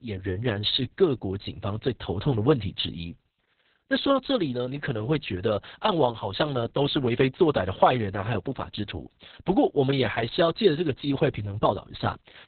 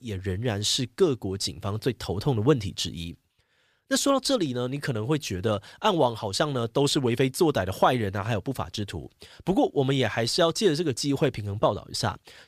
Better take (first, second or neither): second